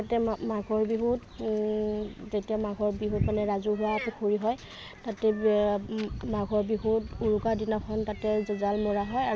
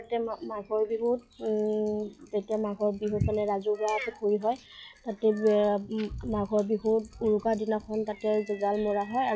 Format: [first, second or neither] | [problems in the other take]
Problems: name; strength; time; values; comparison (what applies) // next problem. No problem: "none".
first | noise reduction (classical method log-MMSE)